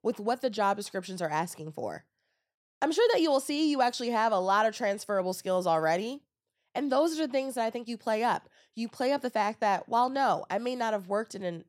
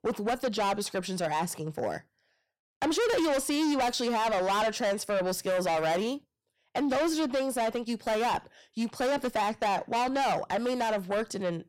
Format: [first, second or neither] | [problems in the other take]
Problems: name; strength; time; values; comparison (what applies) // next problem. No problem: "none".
first | distortion; heavy; 6 dB below the speech